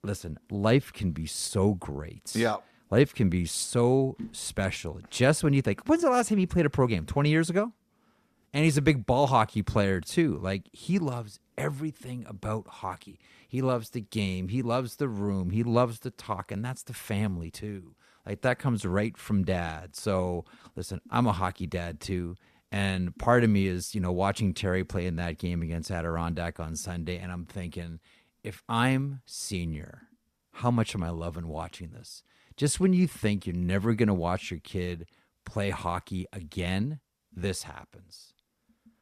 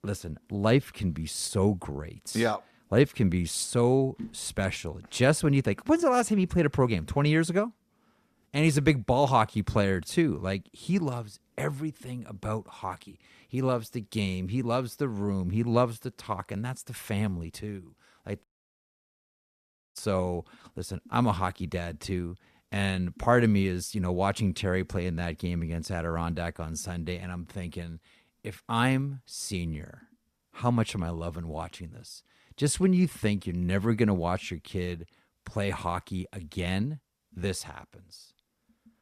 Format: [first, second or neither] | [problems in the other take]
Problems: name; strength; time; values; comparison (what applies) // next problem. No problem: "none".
first | audio cutting out; at 18 s for 1.5 s